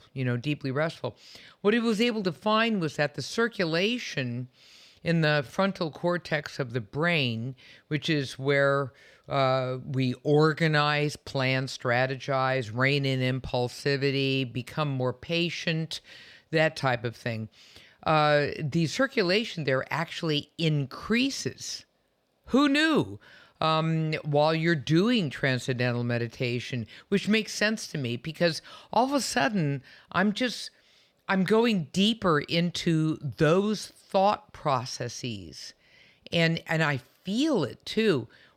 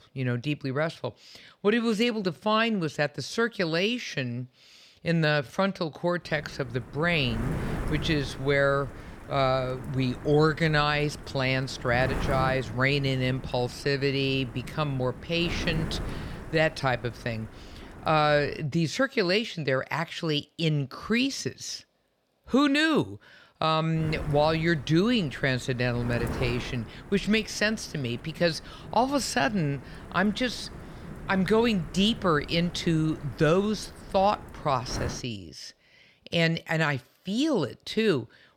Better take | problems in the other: first | wind noise on the microphone; occasional gusts; from 6.5 to 19 s and from 24 to 35 s; 15 dB below the speech

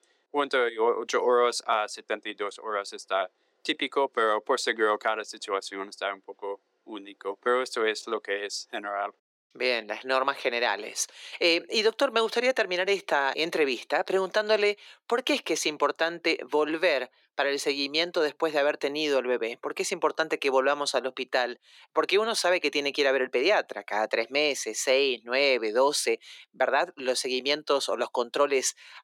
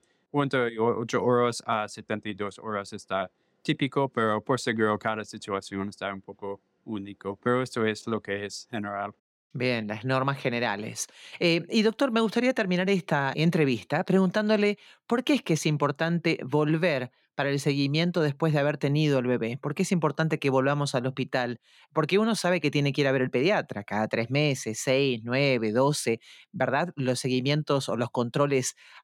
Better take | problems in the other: second | thin; very; fading below 350 Hz

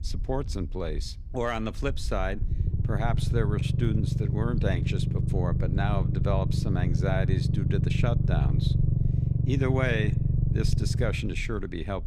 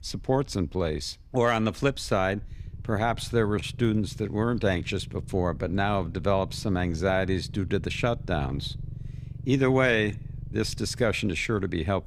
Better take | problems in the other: second | low rumble; loud; throughout; 5 dB below the speech; faint in the second

